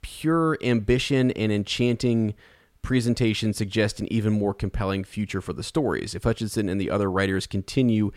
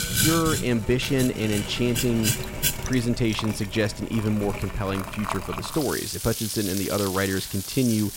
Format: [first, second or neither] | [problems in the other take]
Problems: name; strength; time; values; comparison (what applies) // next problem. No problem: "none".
first | household noises; loud; throughout; 4 dB below the speech